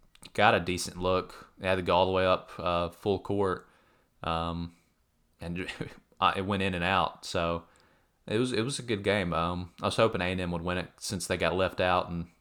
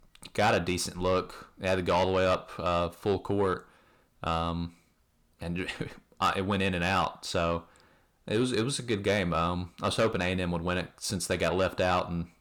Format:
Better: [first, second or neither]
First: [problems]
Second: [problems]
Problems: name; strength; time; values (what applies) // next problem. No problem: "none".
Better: first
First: none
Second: distortion; slight; 10 dB below the speech